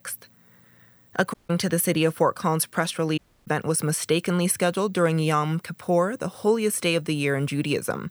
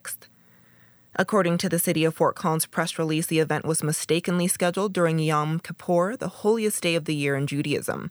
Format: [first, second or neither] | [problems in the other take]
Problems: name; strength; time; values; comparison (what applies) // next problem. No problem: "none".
second | audio cutting out; at 1.5 s and at 3 s